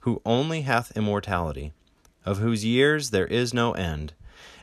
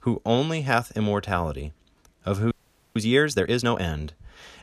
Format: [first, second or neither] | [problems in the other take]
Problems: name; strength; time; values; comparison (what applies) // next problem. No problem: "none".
first | audio freezing; at 2.5 s